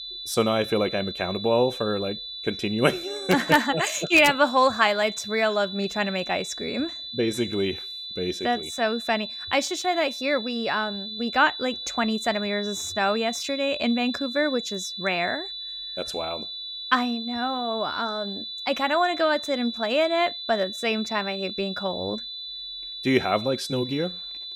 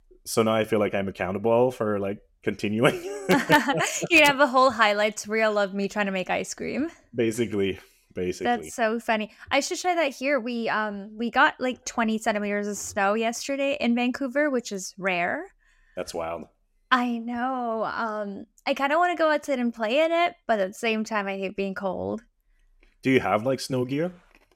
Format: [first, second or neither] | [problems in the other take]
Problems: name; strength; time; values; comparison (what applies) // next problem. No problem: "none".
second | high-pitched whine; loud; throughout; 4 kHz, 8 dB below the speech